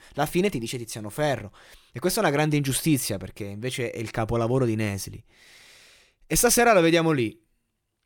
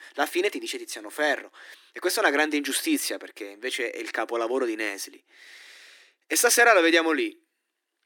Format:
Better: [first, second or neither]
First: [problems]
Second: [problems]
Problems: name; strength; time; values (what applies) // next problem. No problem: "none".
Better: first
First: none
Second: thin; somewhat; fading below 250 Hz